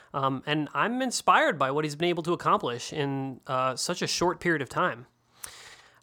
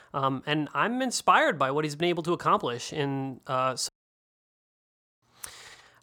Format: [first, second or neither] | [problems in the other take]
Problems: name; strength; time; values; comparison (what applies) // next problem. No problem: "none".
first | audio cutting out; at 4 s for 1.5 s